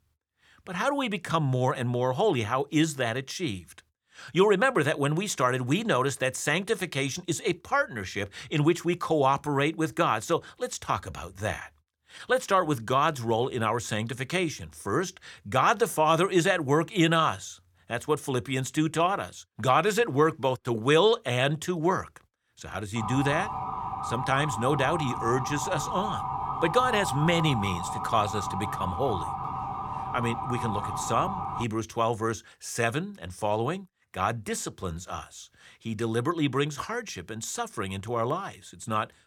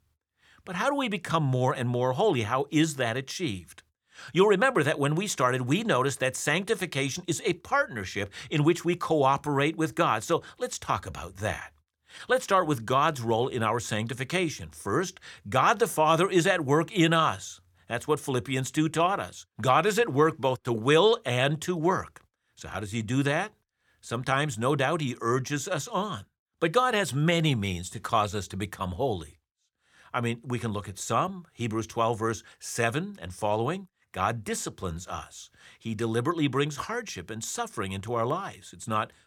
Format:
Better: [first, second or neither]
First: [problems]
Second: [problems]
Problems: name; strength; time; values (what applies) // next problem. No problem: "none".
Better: second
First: siren; noticeable; from 23 to 32 s; peak 4 dB below the speech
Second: none